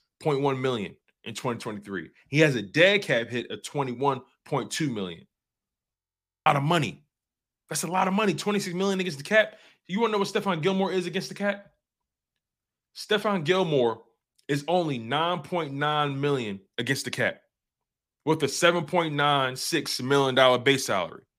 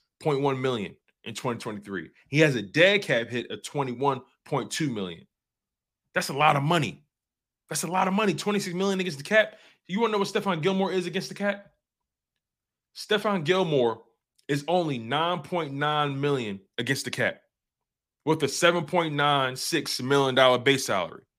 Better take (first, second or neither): second